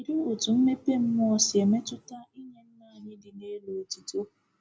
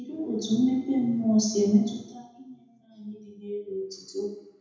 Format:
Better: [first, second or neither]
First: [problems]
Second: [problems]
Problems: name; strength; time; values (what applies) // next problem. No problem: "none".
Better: first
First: none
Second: room echo; dies away in 0.8 s